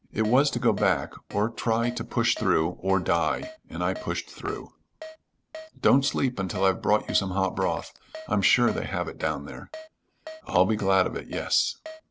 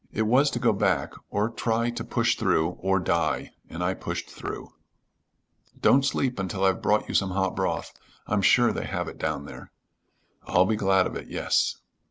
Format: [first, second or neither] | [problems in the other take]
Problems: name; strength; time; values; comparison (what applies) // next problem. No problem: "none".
second | background sound (Keyboard (musical)); 18 dB below the speech